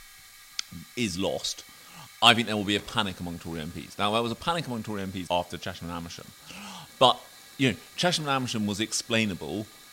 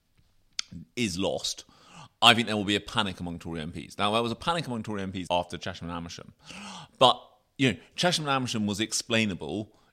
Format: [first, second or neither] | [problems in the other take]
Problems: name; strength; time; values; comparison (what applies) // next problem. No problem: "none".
second | hiss; faint; throughout; 20 dB below the speech